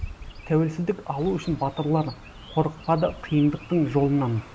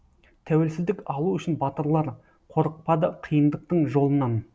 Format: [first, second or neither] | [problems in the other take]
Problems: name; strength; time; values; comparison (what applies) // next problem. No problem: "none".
second | background sound (Chirp, tweet); 16 dB below the speech